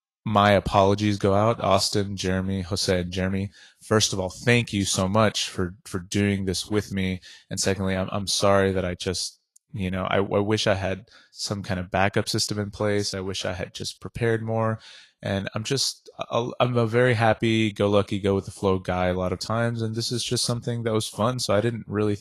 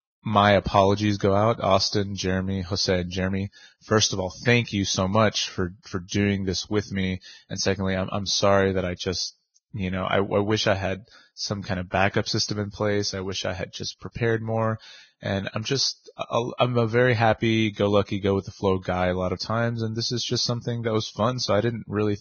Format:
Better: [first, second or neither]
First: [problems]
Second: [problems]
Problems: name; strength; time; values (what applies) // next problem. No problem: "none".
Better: first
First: garbled, watery; slightly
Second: garbled, watery; badly; nothing above 6.5 kHz